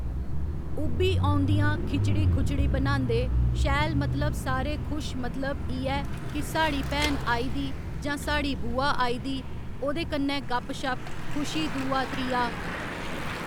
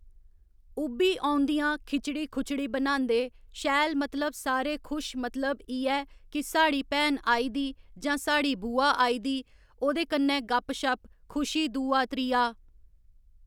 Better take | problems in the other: second | background sound (Mechanisms / Bicycle); 3 dB above the speech

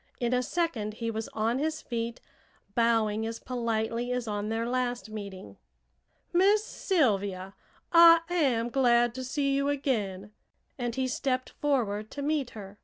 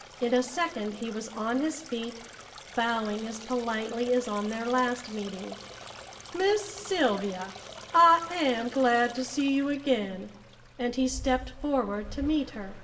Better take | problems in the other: first | background sound (Stream); 15 dB below the speech // room echo; dies away in 0.8 s

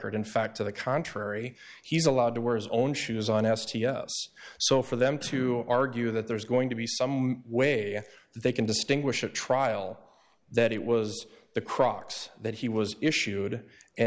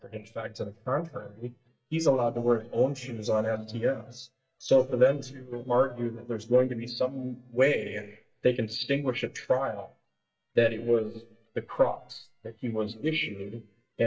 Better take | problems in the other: first | noise reduction (neural mask model DeepFilterNet 3)

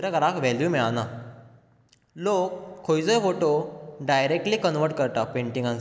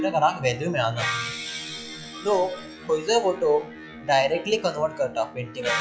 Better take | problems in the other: first | noise reduction (classical method log-MMSE)

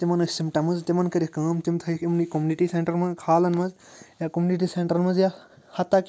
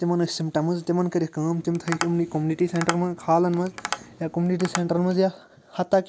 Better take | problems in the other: first | background sound (Tap); 11 dB below the speech

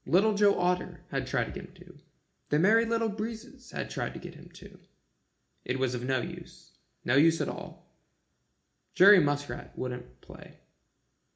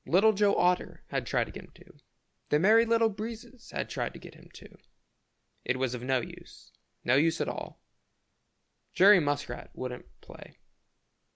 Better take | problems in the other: second | room echo; dies away in 0.4 s

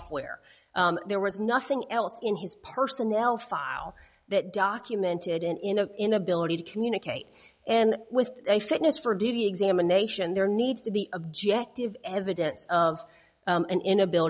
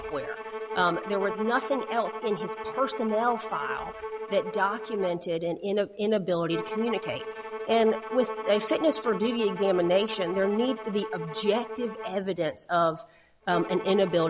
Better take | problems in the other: first | background sound (Bowed string instrument); 9 dB below the speech

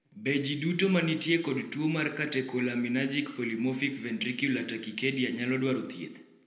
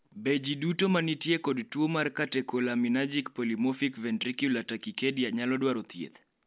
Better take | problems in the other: second | room echo; dies away in 0.7 s

